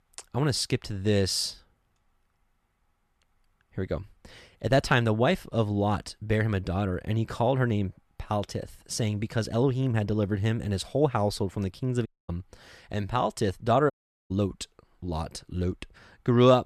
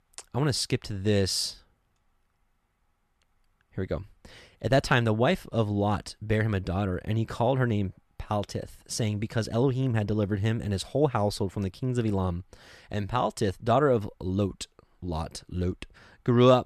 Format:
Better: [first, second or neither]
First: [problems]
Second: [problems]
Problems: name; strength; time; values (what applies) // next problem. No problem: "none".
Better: second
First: audio cutting out; at 12 s and at 14 s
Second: none